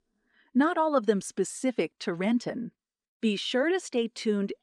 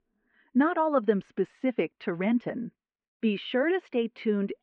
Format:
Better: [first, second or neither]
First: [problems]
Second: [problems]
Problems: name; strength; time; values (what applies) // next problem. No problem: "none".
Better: first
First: none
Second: muffled; very; fading above 2.5 kHz